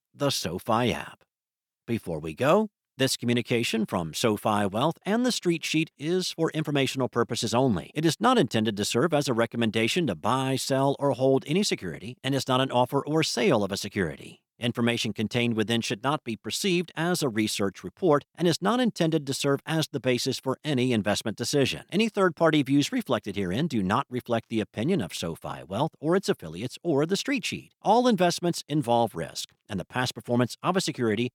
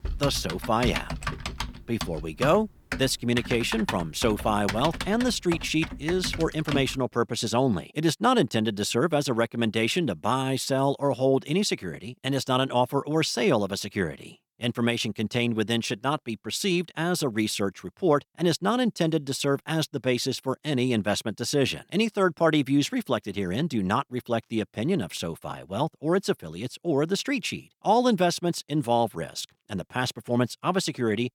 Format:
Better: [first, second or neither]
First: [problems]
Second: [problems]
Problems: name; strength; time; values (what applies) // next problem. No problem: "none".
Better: first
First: none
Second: keyboard typing; noticeable; until 7 s; peak 5 dB below the speech